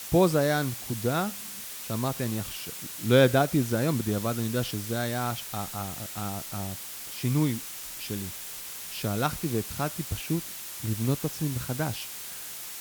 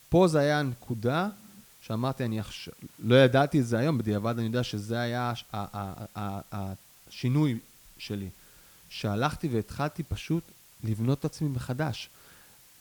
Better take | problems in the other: second | hiss; loud; throughout; 7 dB below the speech; faint in the second

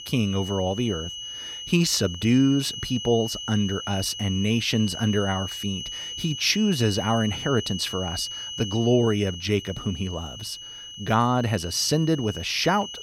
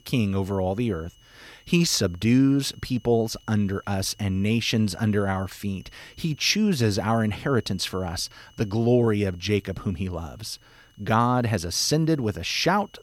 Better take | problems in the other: second | high-pitched whine; loud; throughout; 3 kHz, 9 dB below the speech; faint in the second

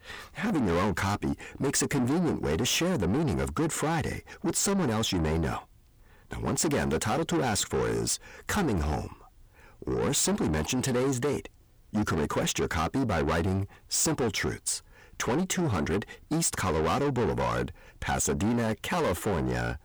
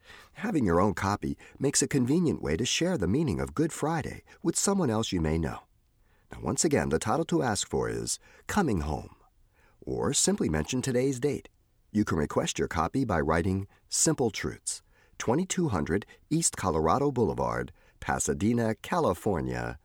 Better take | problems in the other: second | distortion; heavy; 7 dB below the speech

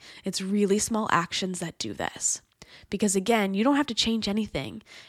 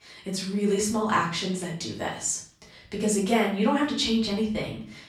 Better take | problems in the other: first | room echo; slight; dies away in 0.5 s // off-mic speech; far

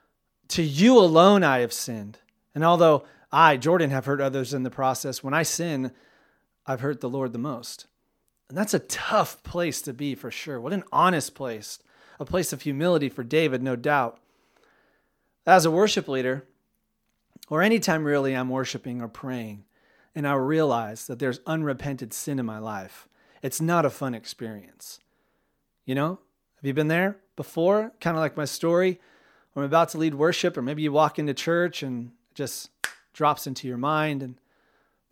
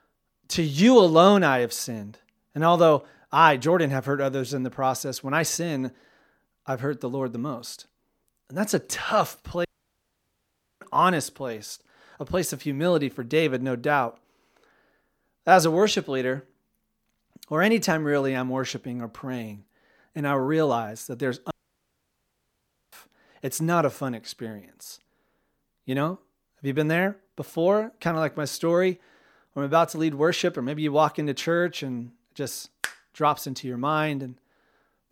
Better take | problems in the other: first | audio cutting out; at 9.5 s for 1 s and at 22 s for 1.5 s

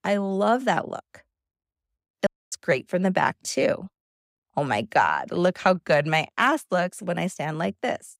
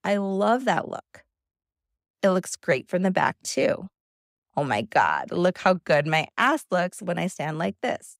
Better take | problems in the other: second | audio cutting out; at 2.5 s

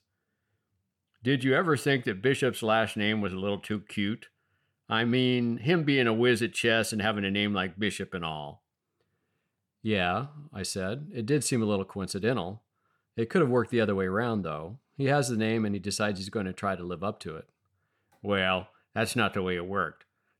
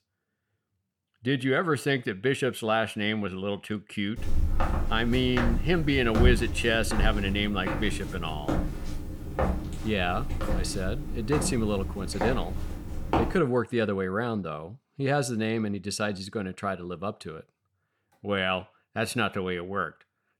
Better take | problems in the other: first | footsteps; loud; from 4 to 13 s; peak 3 dB above the speech

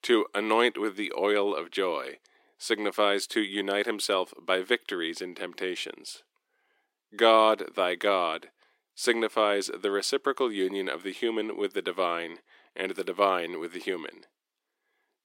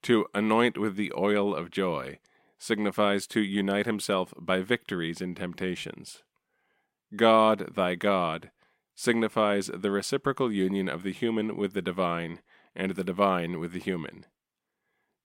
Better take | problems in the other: second | thin; somewhat; fading below 300 Hz

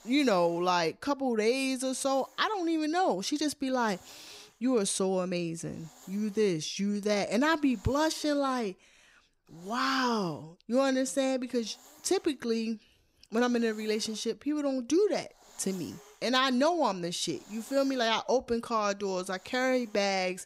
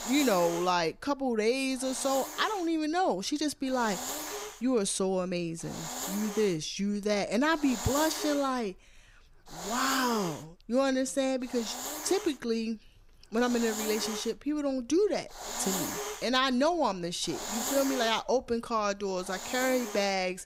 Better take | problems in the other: first | hiss; loud; throughout; 7 dB below the speech; faint in the first

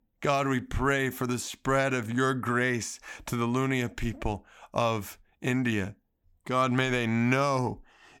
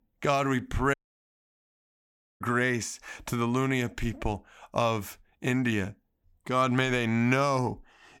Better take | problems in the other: first | audio cutting out; at 1 s for 1.5 s

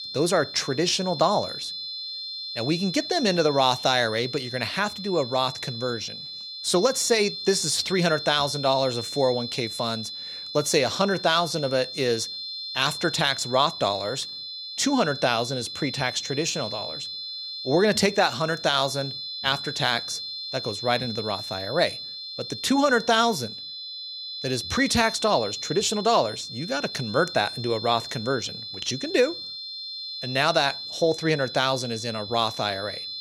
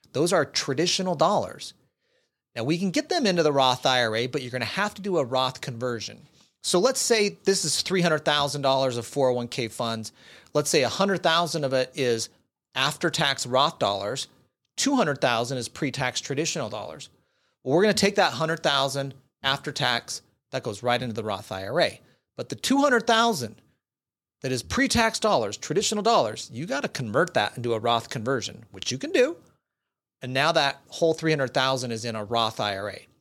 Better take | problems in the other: second | high-pitched whine; loud; throughout; 4 kHz, 8 dB below the speech

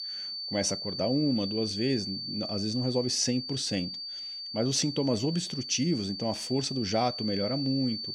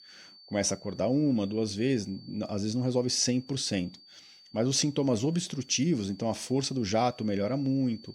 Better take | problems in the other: second | high-pitched whine; loud; throughout; 4.5 kHz, 5 dB below the speech; faint in the second

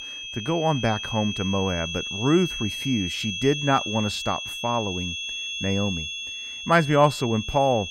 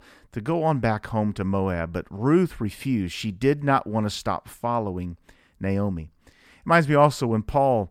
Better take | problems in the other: second | high-pitched whine; loud; throughout; 3.5 kHz, 5 dB below the speech

